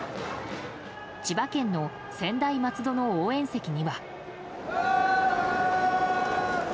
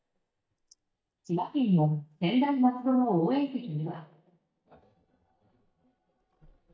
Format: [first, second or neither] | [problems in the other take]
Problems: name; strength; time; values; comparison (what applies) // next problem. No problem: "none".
first | noise reduction (neural mask model DeepFilterNet 3)